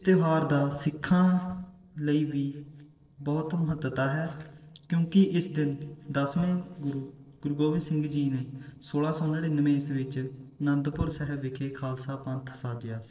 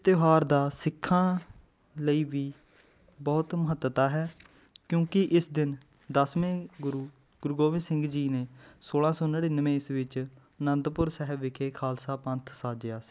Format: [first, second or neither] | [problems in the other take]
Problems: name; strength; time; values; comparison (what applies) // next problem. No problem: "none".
second | noise reduction (neural separator model SepFormer DNS4)